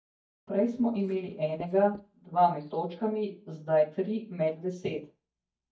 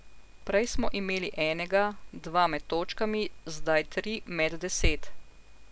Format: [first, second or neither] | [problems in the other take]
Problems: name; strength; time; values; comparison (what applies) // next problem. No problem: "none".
second | noise reduction (neural mask model DeepFilterNet 3)